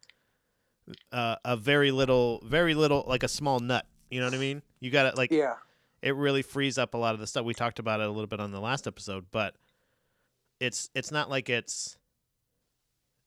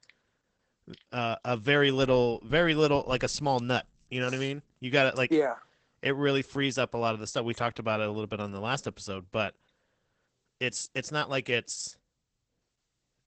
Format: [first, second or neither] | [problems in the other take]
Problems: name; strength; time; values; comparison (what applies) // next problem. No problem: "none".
first | garbled, watery; badly; nothing above 8 kHz